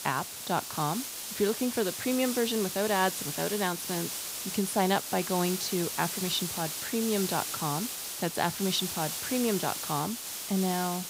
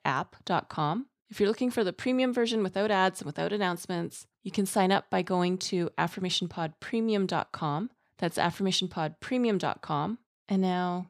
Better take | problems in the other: second | hiss; loud; throughout; 3 dB below the speech

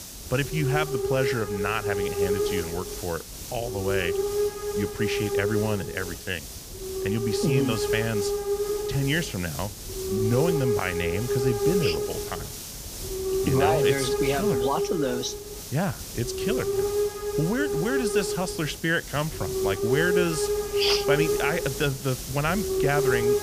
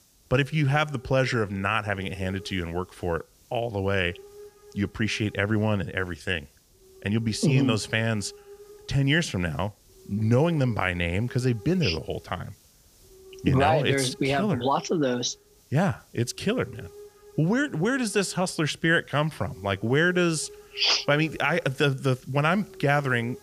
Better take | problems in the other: second | hiss; loud; throughout; as loud as the speech; faint in the second

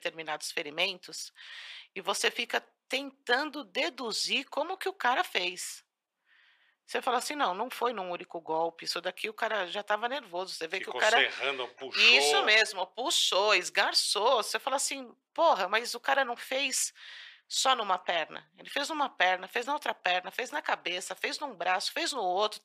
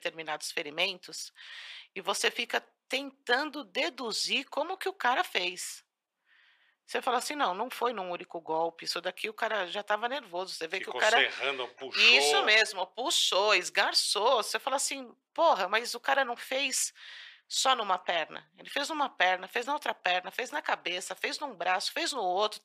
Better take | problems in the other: neither | thin; very; fading below 850 Hz; the same in both

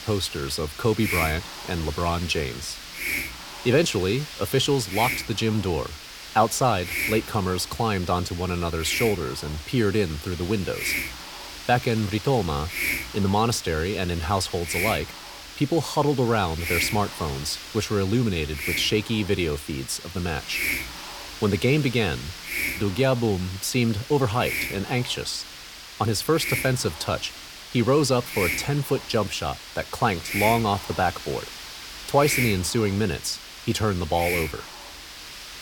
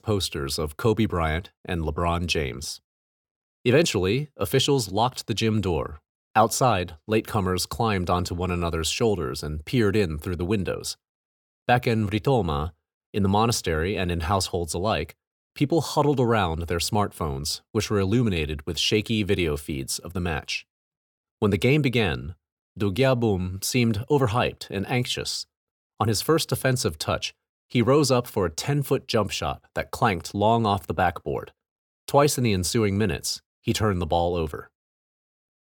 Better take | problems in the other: second | hiss; loud; throughout; 7 dB below the speech

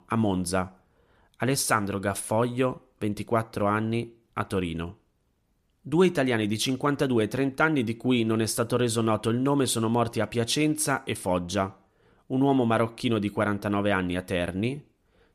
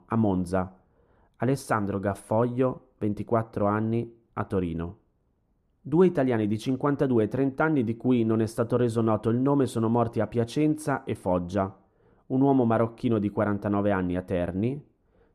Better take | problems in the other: first | muffled; slightly; fading above 1.5 kHz

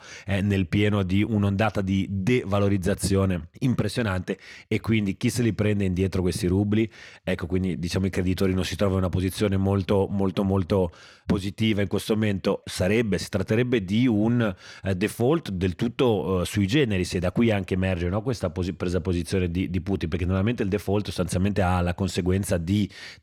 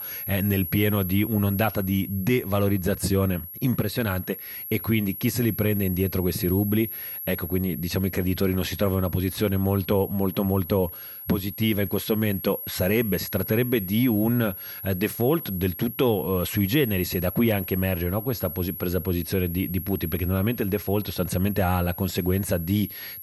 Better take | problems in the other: first | high-pitched whine; loud; throughout; 11.5 kHz, 9 dB below the speech

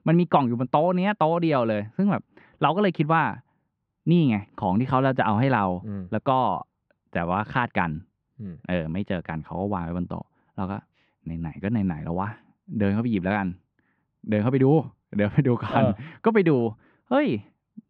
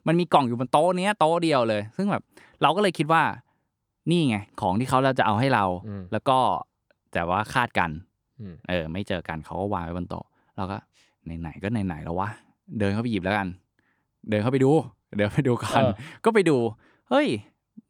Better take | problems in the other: second | muffled; slightly; fading above 3 kHz

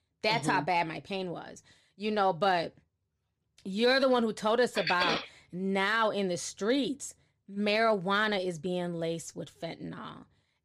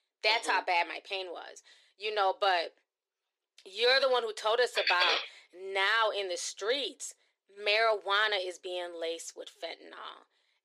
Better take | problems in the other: first | thin; very; fading below 400 Hz

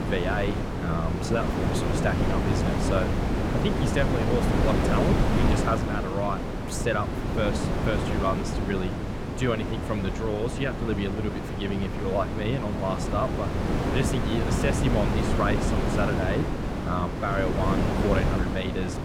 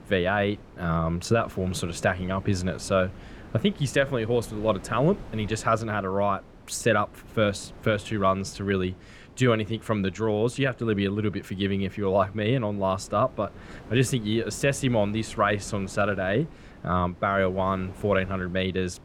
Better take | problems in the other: second | wind noise on the microphone; heavy; 1 dB below the speech; occasional gusts in the second

